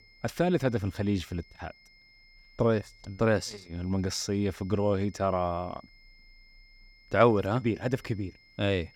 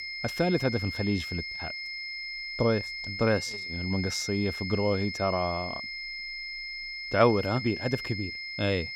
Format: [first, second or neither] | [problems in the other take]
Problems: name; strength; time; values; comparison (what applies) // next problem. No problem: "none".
first | high-pitched whine; loud; throughout; 2 kHz, 6 dB below the speech; faint in the first